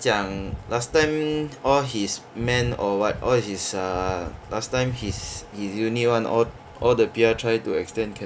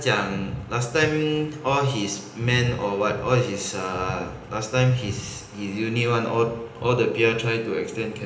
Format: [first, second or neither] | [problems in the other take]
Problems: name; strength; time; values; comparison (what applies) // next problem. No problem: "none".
first | room echo; dies away in 0.9 s